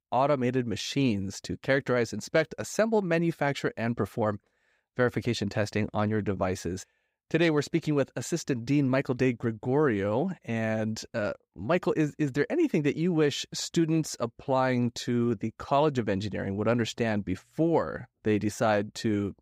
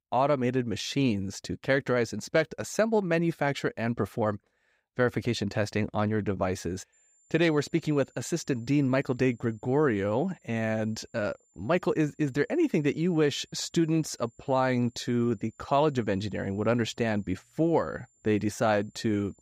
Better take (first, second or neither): first